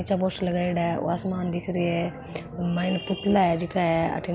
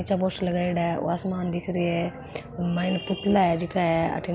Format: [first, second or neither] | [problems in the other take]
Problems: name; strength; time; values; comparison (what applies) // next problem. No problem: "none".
second | background sound (Bass guitar); 17 dB below the speech